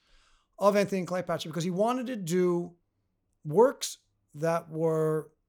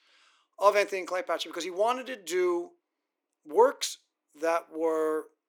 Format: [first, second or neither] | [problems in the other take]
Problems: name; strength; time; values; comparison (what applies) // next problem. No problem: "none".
first | thin; very; fading below 300 Hz